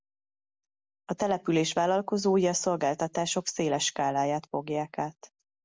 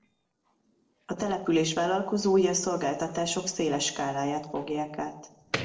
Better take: first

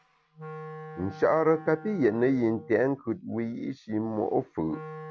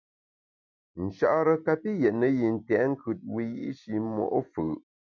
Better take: second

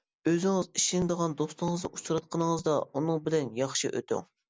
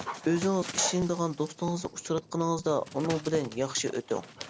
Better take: first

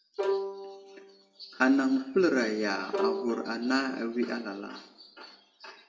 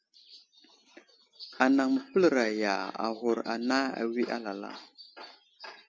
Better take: second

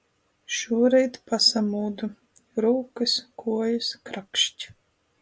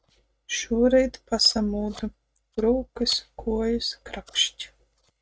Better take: first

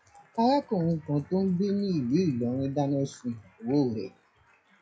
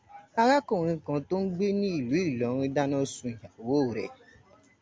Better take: second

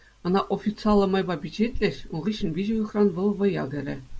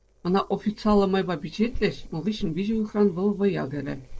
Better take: first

